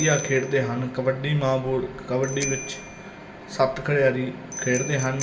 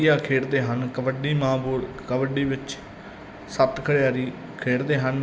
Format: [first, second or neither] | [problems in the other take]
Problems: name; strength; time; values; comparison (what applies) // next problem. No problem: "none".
second | background sound (Bicycle bell); 12 dB below the speech // room echo; dies away in 0.8 s